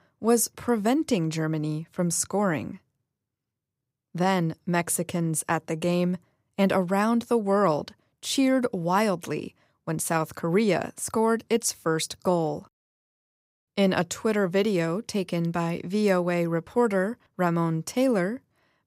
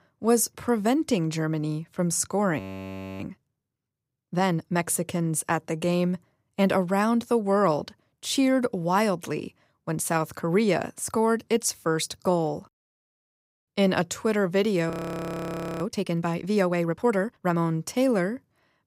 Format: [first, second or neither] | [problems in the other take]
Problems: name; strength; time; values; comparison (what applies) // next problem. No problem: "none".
first | audio freezing; at 2.5 s for 0.5 s and at 15 s for 1 s